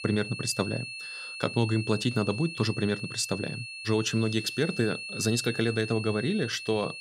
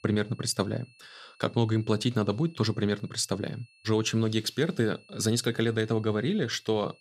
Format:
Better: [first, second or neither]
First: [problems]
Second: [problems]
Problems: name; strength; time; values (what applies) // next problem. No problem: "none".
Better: second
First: high-pitched whine; loud; throughout; 2.5 kHz, 8 dB below the speech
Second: high-pitched whine; faint; throughout; 2.5 kHz, 30 dB below the speech